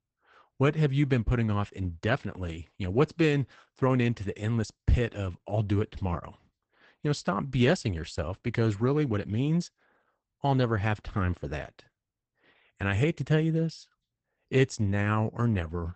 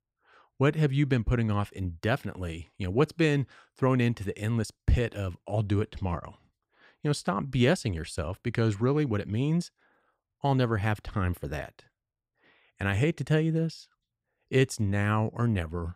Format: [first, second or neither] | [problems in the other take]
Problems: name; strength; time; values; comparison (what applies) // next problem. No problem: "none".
second | garbled, watery; badly; nothing above 8 kHz